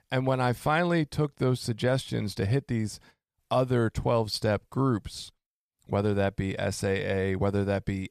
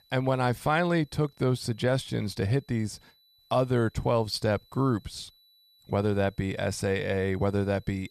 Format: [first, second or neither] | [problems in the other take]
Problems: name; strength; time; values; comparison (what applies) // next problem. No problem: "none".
first | high-pitched whine; faint; throughout; 4 kHz, 30 dB below the speech